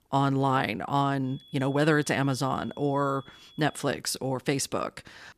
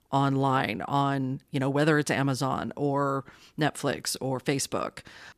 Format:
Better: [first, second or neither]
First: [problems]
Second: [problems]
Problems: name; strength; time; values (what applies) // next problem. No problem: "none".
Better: second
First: high-pitched whine; faint; from 1.5 to 4 s; 3.5 kHz, 25 dB below the speech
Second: none